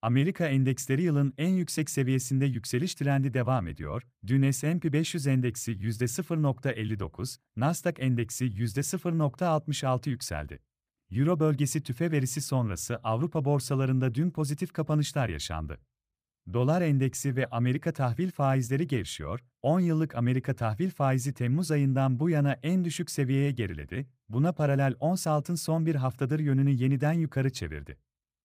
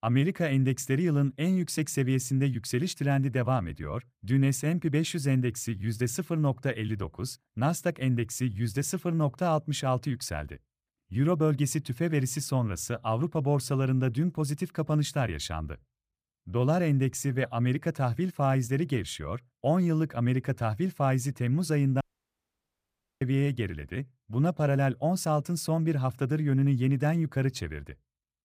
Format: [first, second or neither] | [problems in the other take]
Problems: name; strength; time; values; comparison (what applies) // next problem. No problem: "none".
first | audio cutting out; at 22 s for 1 s